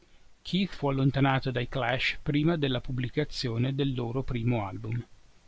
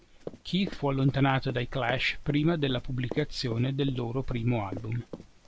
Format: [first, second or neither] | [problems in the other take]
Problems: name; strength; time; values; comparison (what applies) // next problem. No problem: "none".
first | background sound (Run); 16 dB below the speech